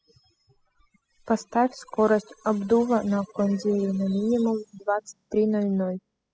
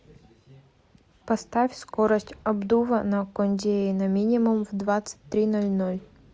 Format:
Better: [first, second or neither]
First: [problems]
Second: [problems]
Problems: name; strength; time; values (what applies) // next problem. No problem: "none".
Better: second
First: noise reduction (classical method spectral subtraction)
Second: none